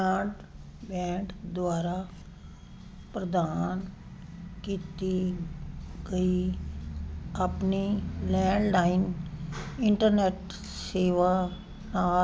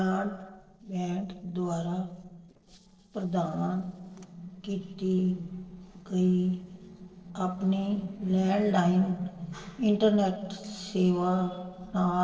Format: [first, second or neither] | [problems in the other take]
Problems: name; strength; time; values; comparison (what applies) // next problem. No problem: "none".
first | noise reduction (neural separator model SepFormer DNS4)